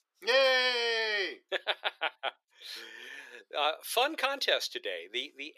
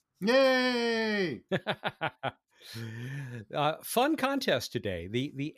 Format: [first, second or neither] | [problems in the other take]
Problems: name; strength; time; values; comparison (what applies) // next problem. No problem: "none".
second | thin; very; fading below 400 Hz